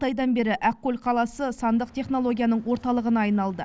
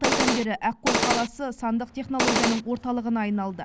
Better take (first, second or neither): first